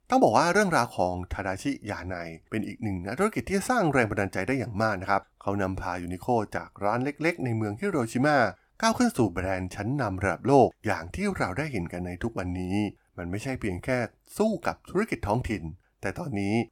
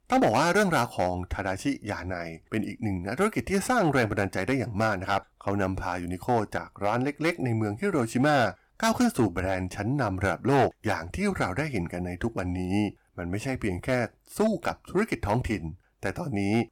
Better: first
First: none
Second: distortion; slight; 3% of the sound clipped

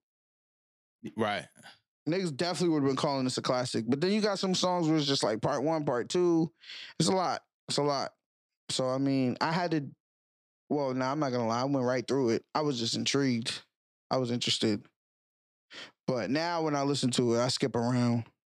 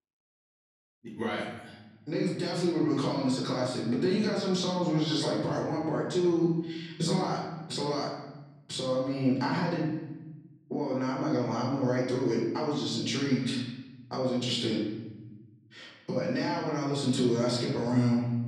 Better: first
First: none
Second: room echo; noticeable; dies away in 1.2 s // off-mic speech; far

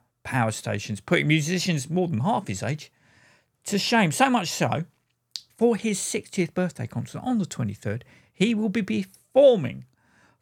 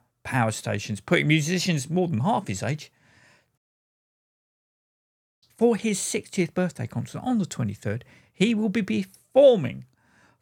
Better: first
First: none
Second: audio cutting out; at 3.5 s for 2 s

